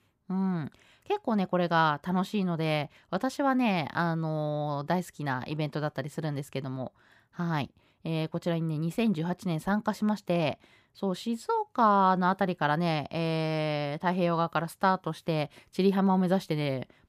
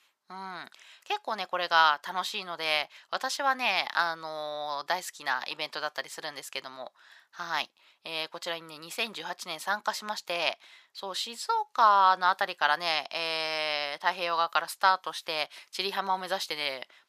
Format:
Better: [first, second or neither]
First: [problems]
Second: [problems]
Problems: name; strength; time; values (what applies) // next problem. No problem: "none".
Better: first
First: none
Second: thin; very; fading below 950 Hz